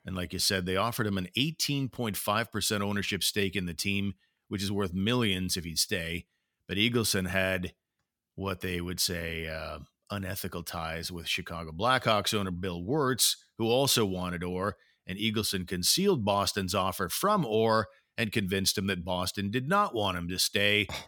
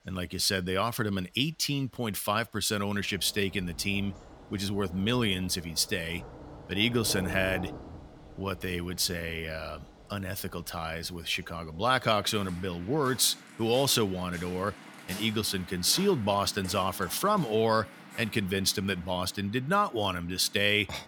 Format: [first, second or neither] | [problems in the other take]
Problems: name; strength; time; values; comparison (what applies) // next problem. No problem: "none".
first | rain or running water; noticeable; throughout; 20 dB below the speech